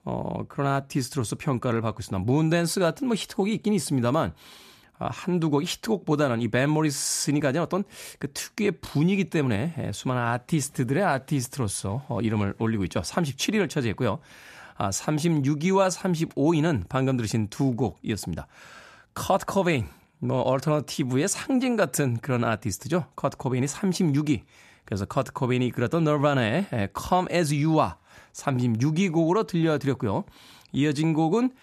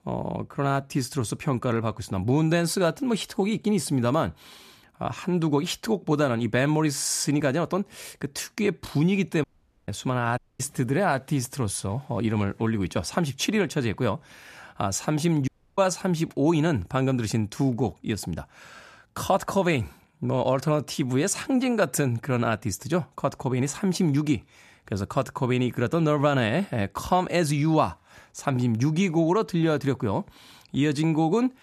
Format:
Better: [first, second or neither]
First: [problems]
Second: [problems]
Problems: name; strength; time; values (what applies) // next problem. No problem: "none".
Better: first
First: none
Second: audio cutting out; at 9.5 s, at 10 s and at 15 s